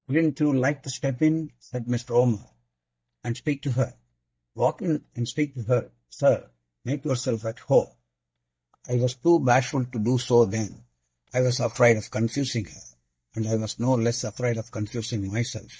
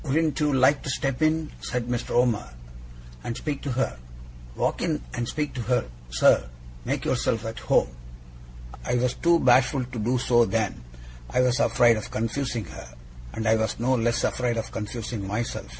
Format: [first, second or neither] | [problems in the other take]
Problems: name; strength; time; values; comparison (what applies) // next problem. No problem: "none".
second | noise reduction (neural mask model DeepFilterNet 3)